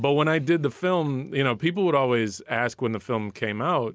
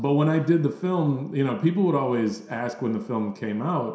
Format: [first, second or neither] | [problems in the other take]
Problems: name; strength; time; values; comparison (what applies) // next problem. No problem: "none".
first | room echo; dies away in 0.7 s